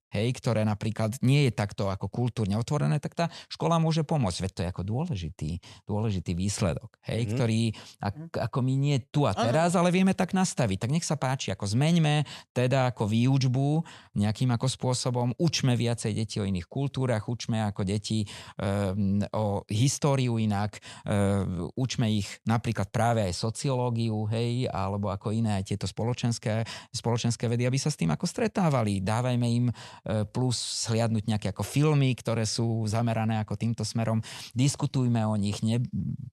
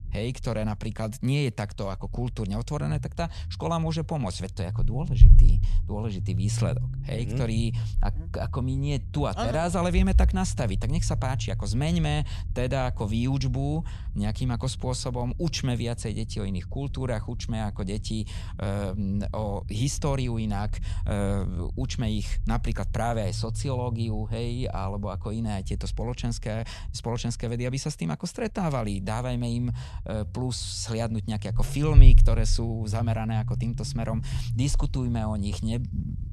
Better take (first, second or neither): first